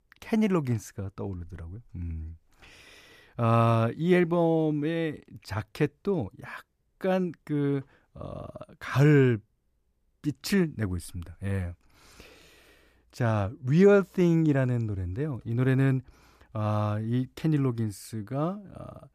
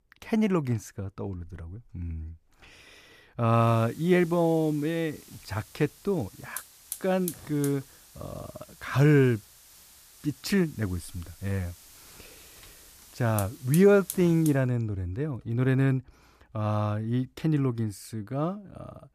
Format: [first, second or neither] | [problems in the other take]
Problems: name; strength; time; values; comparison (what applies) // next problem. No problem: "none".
first | hiss; noticeable; from 3.5 to 15 s; 15 dB below the speech